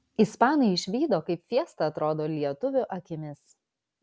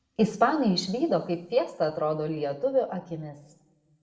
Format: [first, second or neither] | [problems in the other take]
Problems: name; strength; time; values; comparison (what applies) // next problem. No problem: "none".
first | room echo; dies away in 0.9 s